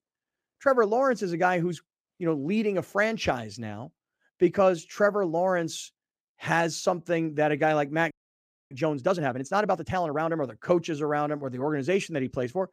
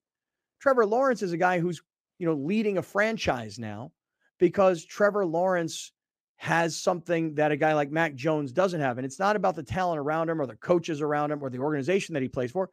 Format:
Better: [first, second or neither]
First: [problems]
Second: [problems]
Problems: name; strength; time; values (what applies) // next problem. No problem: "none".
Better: second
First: audio freezing; at 8 s for 0.5 s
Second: none